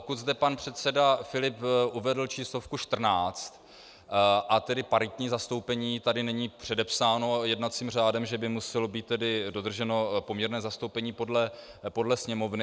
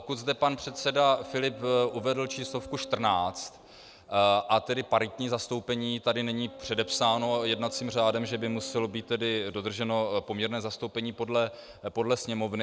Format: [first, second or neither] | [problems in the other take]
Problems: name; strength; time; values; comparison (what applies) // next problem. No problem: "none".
first | background sound (Boat, Water vehicle); 17 dB below the speech